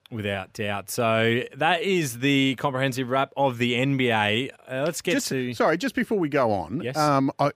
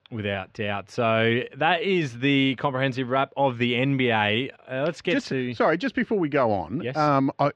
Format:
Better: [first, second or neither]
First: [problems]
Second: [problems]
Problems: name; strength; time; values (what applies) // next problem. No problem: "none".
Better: first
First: none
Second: muffled; slightly; fading above 4 kHz